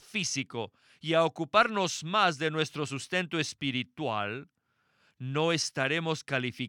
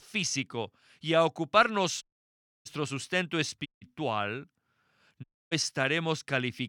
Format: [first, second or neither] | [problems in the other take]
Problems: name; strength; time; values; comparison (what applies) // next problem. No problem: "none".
first | audio cutting out; at 2 s for 0.5 s, at 3.5 s and at 5 s